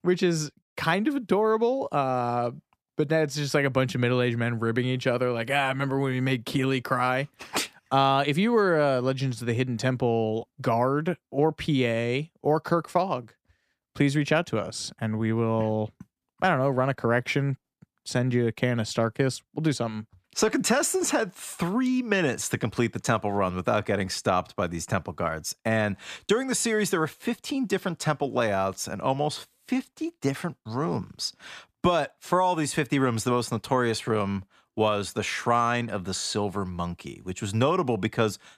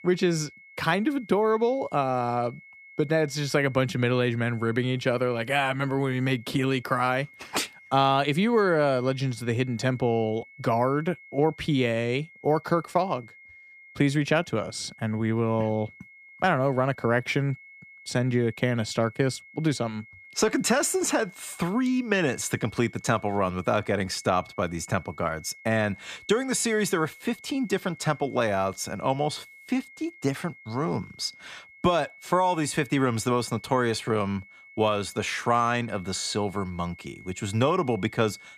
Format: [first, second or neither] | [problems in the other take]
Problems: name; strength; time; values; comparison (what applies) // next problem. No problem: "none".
first | high-pitched whine; faint; throughout; 2 kHz, 20 dB below the speech